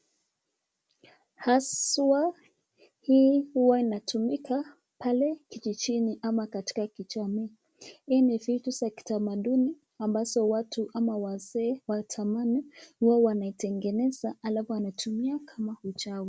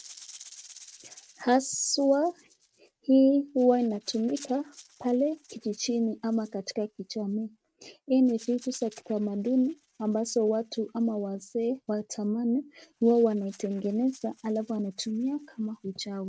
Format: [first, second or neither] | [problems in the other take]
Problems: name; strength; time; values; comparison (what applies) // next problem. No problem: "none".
first | noise reduction (neural mask model RNNoise)